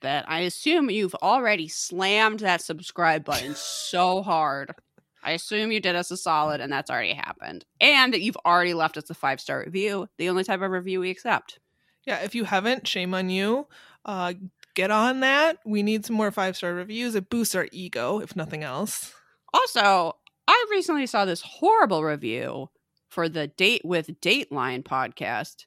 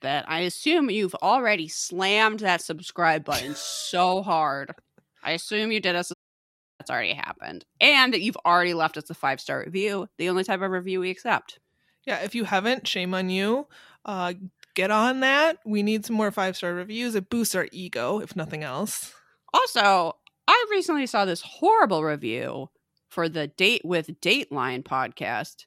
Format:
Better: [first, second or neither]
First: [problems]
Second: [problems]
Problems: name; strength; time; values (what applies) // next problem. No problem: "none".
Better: first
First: none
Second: audio cutting out; at 6 s for 0.5 s